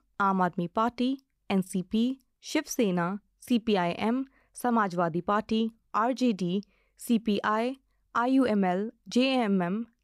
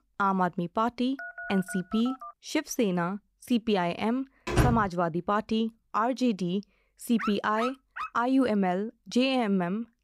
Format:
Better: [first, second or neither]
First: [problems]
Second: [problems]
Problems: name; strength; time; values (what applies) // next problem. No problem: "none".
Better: first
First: none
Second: phone ringing; faint; from 1 to 2.5 s; peak 10 dB below the speech // door banging; loud; at 4.5 s; peak 2 dB above the speech // dog barking; noticeable; at 7 s; peak 8 dB below the speech